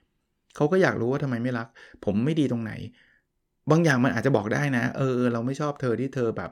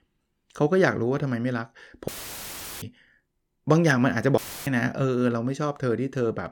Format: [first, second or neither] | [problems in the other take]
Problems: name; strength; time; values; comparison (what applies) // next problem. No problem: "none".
first | audio cutting out; filled with static; at 2 s for 0.5 s and at 4.5 s